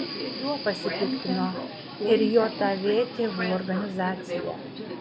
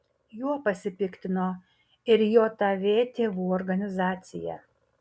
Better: second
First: background sound (Subway, metro, underground); 5 dB below the speech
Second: none

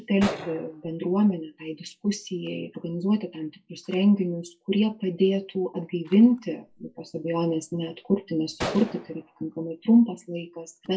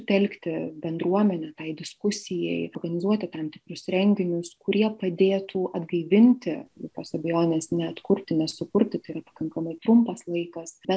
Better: second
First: noise reduction (classical method WPE with log-MMSE)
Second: none

